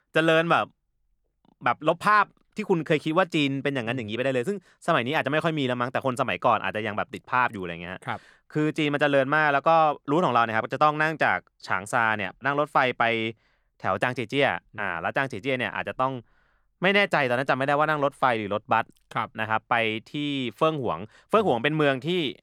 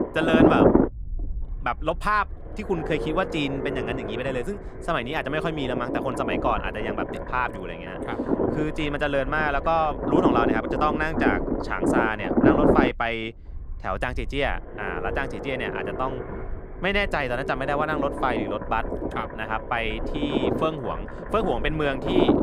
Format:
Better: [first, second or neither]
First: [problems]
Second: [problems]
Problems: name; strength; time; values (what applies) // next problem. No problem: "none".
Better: first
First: none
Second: low rumble; loud; throughout; 3 dB below the speech